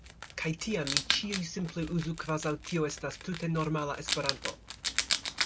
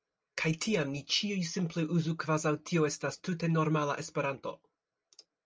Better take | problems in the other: second | background sound (Wild animals); 2 dB below the speech

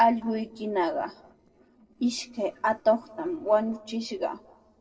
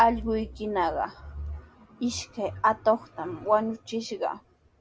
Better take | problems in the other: second | noise reduction (neural separator model SepFormer DNS4)

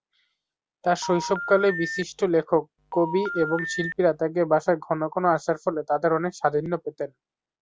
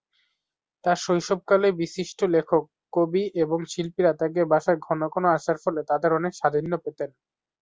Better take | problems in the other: second | background sound (Telephone); 8 dB below the speech

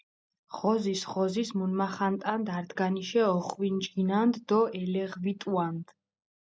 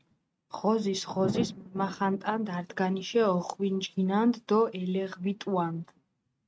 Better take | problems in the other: first | noise reduction (neural mask model RNNoise)

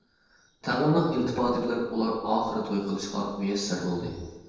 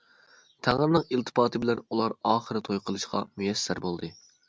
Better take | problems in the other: second | noise reduction (neural separator model SepFormer DNS4)

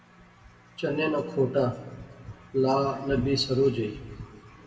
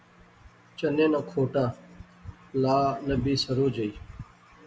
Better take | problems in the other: second | room echo; dies away in 1.3 s

